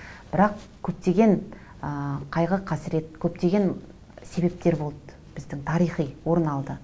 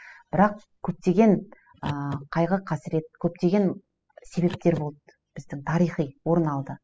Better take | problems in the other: first | noise reduction (classical method spectral subtraction)

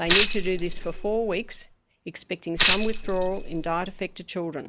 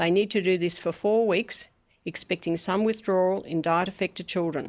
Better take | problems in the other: second | background sound (Tambourine); 2 dB above the speech

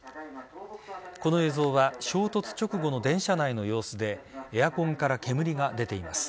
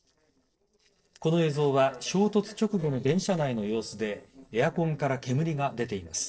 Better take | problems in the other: first | noise reduction (neural separator model SepFormer DNS4)

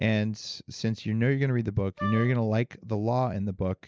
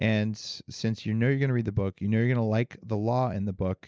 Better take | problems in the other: second | background sound (Wind instrument, woodwind instrument); 10 dB below the speech

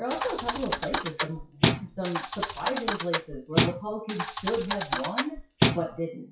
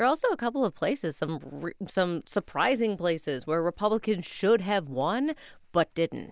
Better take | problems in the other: second | noise reduction (classical method WPE with log-MMSE)

